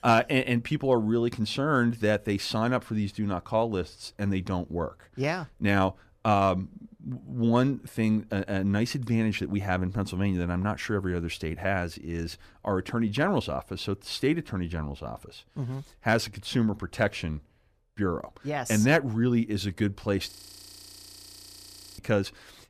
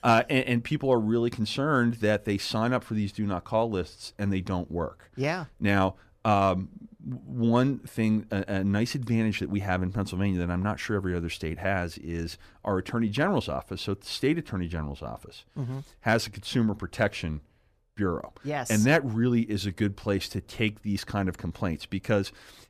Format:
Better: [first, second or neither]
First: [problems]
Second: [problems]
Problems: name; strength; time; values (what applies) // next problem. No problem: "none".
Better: second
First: audio freezing; at 20 s for 1.5 s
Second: none